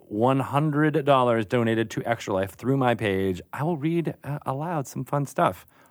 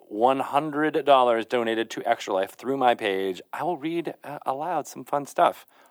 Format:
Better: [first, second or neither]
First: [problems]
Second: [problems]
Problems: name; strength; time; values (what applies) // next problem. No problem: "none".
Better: first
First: none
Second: thin; somewhat; fading below 350 Hz